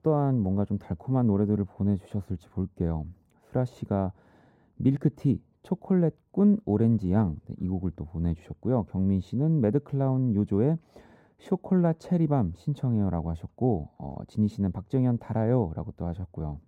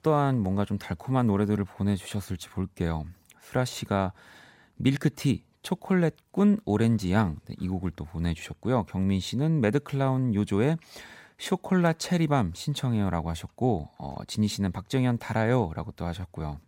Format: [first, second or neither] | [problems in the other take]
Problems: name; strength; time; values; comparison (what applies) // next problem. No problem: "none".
second | muffled; very; fading above 1 kHz